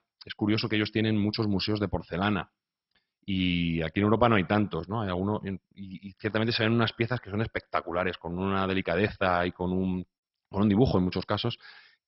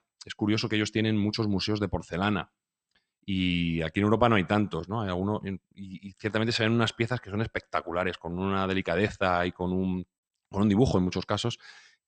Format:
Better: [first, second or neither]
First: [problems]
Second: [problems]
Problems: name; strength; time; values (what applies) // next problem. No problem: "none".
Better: second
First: garbled, watery; badly; nothing above 5.5 kHz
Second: garbled, watery; slightly; nothing above 8.5 kHz